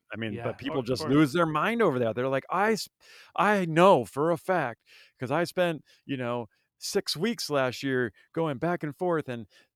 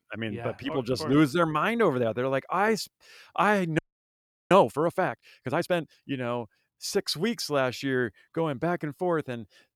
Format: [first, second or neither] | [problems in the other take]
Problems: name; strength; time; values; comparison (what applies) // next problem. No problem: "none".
first | audio freezing; at 4 s for 0.5 s